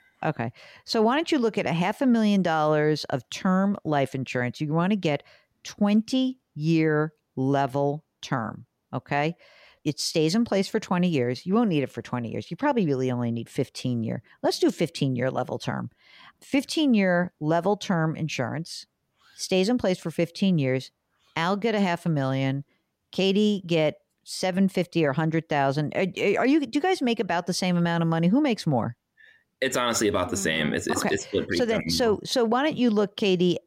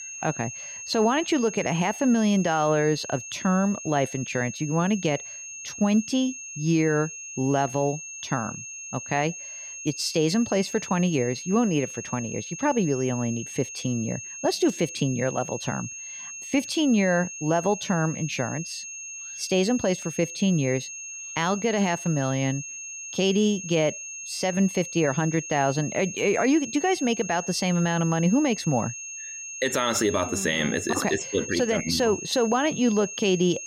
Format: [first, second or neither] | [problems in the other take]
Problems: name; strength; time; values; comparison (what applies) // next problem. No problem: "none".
first | high-pitched whine; loud; throughout; 6.5 kHz, 10 dB below the speech